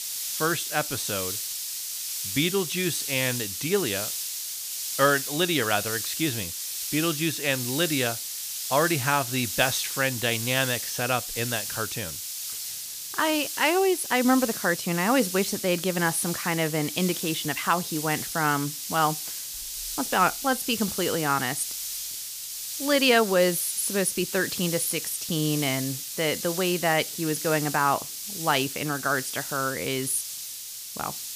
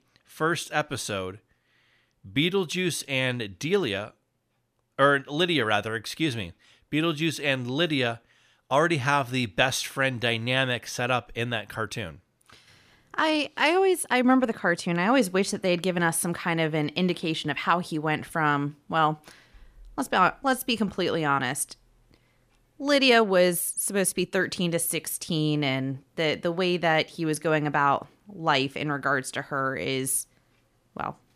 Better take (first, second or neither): second